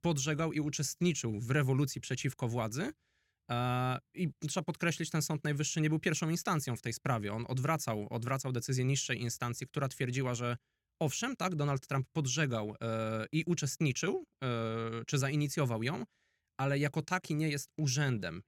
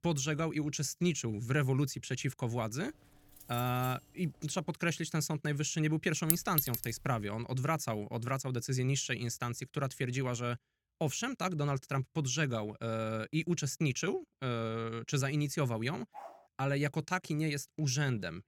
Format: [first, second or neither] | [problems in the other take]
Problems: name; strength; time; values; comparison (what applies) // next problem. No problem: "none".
first | jangling keys; faint; from 3 to 4.5 s; peak 10 dB below the speech // clattering dishes; loud; at 6.5 s; peak 4 dB above the speech // dog barking; faint; at 16 s; peak 15 dB below the speech